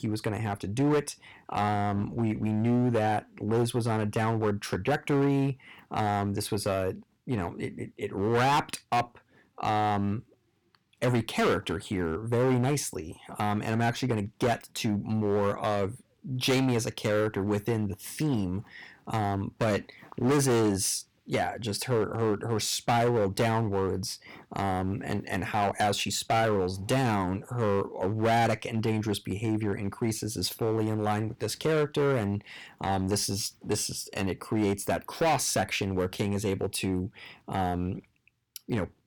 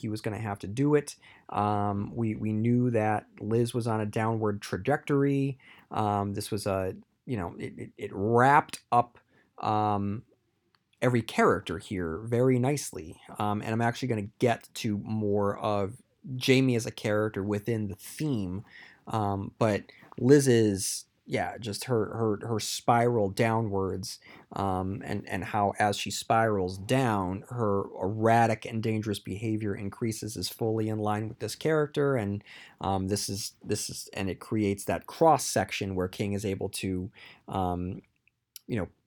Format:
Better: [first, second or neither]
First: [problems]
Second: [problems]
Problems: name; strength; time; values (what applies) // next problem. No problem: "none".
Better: second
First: distortion; heavy; 9% of the sound clipped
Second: none